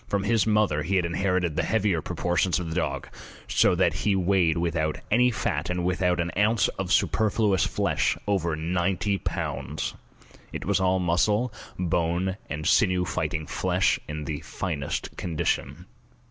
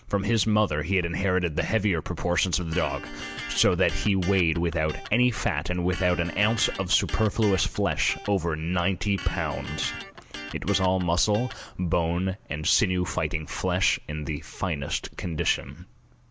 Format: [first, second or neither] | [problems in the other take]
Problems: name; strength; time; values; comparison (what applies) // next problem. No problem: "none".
first | background sound (Electric guitar); 13 dB below the speech